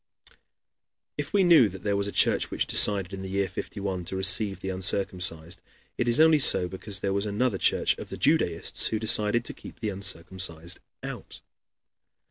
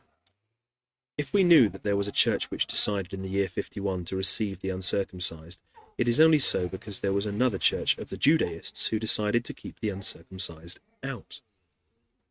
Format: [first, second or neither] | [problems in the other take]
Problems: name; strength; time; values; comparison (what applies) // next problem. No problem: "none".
first | noise reduction (neural mask model RNNoise)